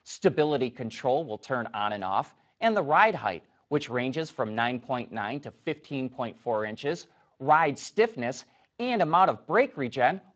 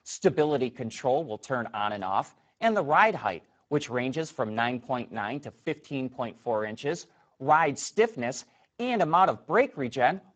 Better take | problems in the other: first | garbled, watery; badly; nothing above 7.5 kHz; slightly in the first

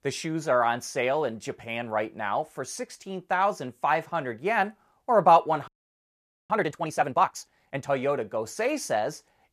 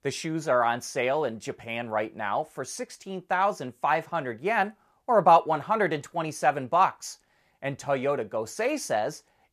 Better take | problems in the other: second | audio freezing; at 5.5 s for 1 s

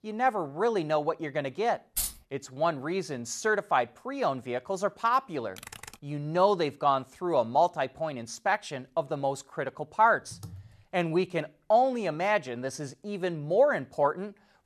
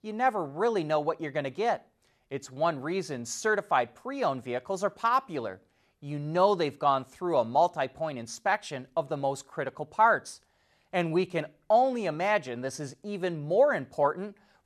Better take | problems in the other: second | jangling keys; noticeable; at 2 s; peak 3 dB below the speech // keyboard typing; faint; at 5.5 s and at 10 s; peak 15 dB below the speech

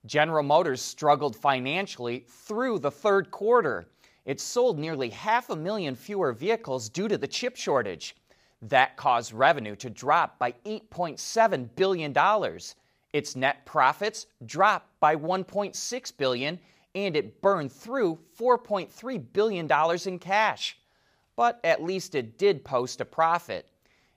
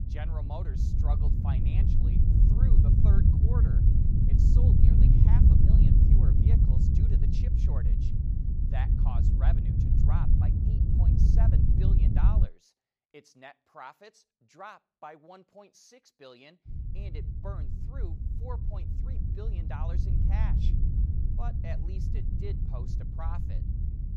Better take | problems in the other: first | wind noise on the microphone; heavy; until 12 s and from 17 s on; 5 dB above the speech

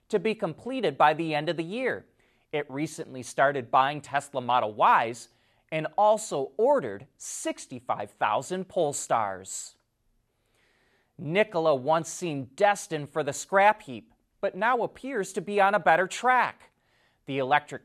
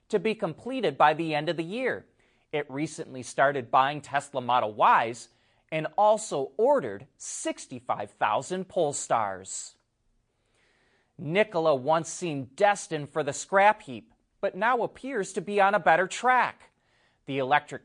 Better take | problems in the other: first | garbled, watery; slightly; nothing above 8.5 kHz

